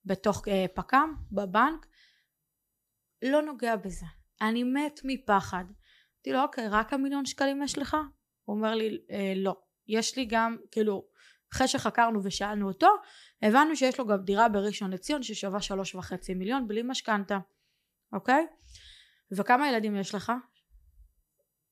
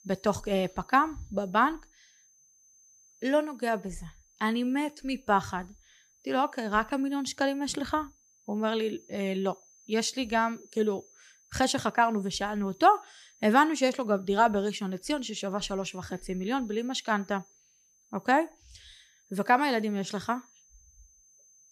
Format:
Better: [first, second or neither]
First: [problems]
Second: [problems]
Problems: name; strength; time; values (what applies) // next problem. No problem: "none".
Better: first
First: none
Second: high-pitched whine; faint; throughout; 6.5 kHz, 30 dB below the speech